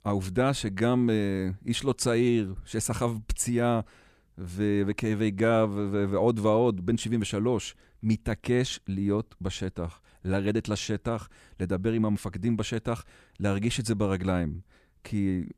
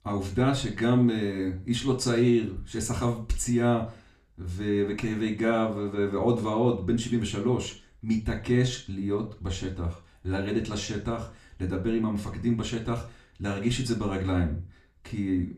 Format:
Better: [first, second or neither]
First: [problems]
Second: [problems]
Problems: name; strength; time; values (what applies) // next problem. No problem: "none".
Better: first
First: none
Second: room echo; slight; dies away in 0.4 s // off-mic speech; somewhat distant